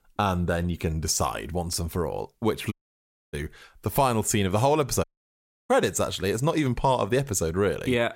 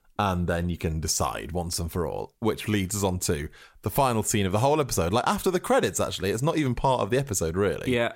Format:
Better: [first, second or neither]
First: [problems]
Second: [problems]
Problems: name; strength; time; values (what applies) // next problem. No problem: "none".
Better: second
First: audio cutting out; at 2.5 s for 0.5 s and at 5 s for 0.5 s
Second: none